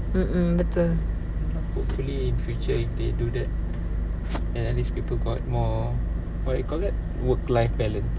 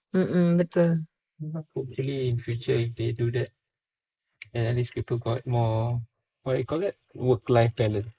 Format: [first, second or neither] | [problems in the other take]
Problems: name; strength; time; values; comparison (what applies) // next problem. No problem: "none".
first | noise reduction (neural mask model Resemble Enhance denoiser)